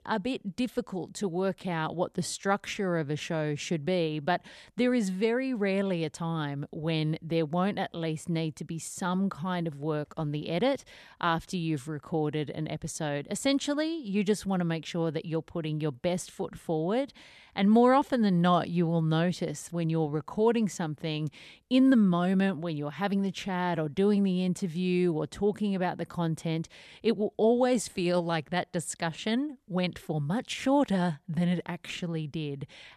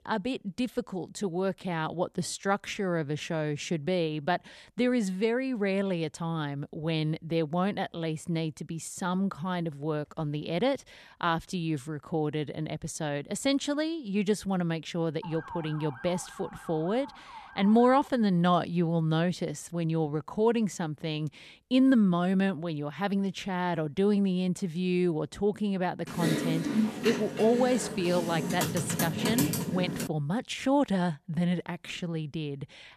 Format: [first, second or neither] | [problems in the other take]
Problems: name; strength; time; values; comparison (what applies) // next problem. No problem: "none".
first | siren; faint; from 15 to 18 s; peak 10 dB below the speech // keyboard typing; loud; from 26 to 30 s; peak 1 dB above the speech